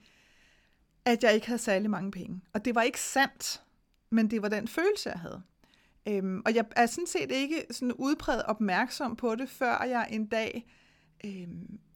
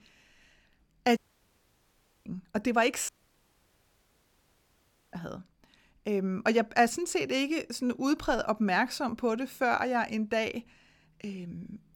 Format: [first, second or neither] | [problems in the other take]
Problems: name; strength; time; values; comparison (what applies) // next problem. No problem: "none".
first | audio cutting out; at 1 s for 1 s and at 3 s for 2 s